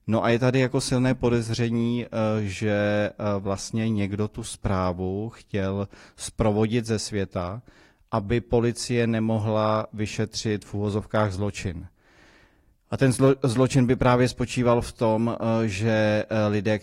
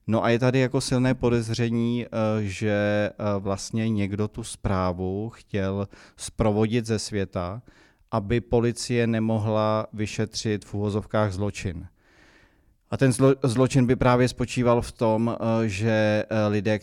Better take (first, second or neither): second